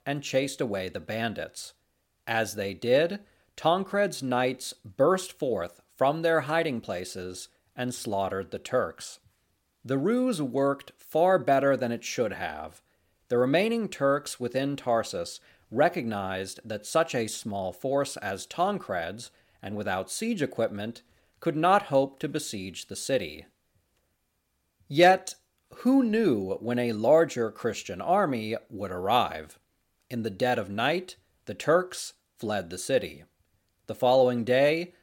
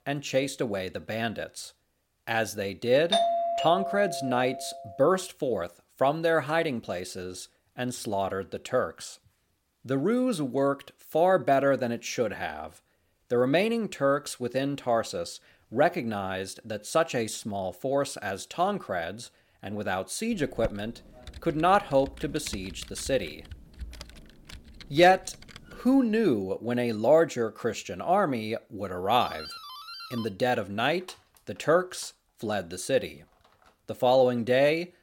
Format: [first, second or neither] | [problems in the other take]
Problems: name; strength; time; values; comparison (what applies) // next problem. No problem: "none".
first | doorbell; loud; from 3 to 4.5 s; peak 3 dB above the speech // keyboard typing; faint; from 20 to 26 s; peak 15 dB below the speech // doorbell; faint; from 29 to 34 s; peak 10 dB below the speech